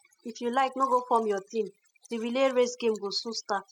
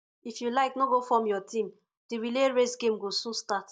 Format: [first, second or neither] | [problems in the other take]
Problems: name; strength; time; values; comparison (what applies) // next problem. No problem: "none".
second | noise reduction (classical method spectral subtraction)